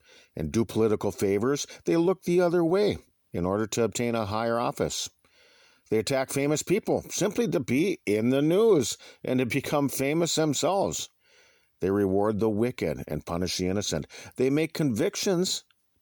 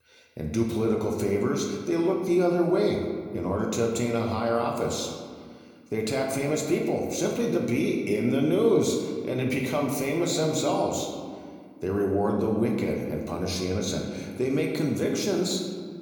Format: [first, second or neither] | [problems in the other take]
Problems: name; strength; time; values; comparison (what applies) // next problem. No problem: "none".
first | room echo; noticeable; dies away in 1.6 s // off-mic speech; somewhat distant